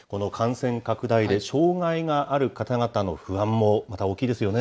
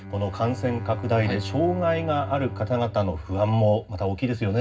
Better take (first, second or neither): first